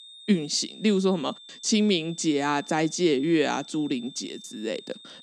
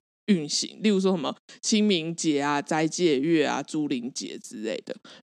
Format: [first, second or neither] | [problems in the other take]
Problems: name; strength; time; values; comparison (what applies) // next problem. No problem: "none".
second | high-pitched whine; noticeable; throughout; 3.5 kHz, 20 dB below the speech